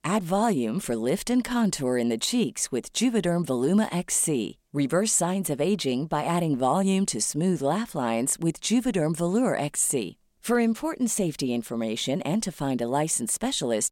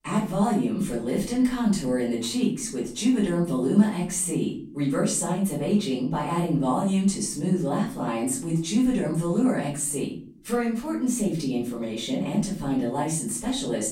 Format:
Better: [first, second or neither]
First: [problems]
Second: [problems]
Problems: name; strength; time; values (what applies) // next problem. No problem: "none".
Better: first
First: none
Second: off-mic speech; far // room echo; slight; dies away in 0.4 s